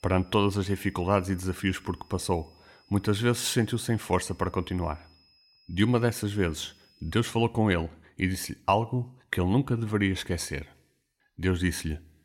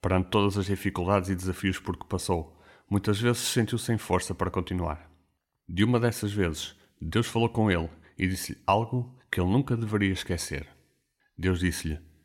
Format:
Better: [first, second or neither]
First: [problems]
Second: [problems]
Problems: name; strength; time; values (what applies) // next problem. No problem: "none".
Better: second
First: high-pitched whine; faint; until 7 s; 5 kHz, 30 dB below the speech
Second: none